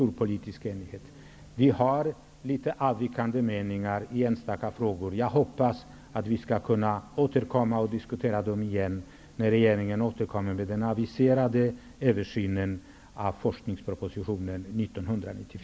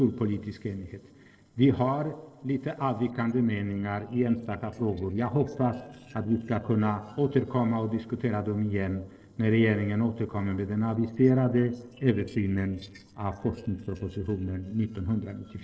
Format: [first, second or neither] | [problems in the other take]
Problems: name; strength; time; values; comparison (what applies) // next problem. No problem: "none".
first | noise reduction (neural separator model SepFormer DNS4)